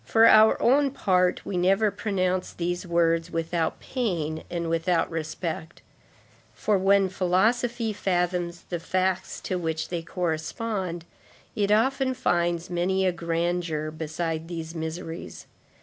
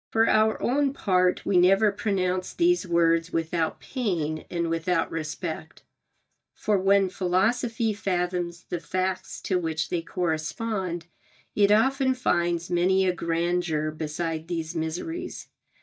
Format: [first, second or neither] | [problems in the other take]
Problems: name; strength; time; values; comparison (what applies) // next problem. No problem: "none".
first | noise reduction (neural mask model DeepFilterNet 3)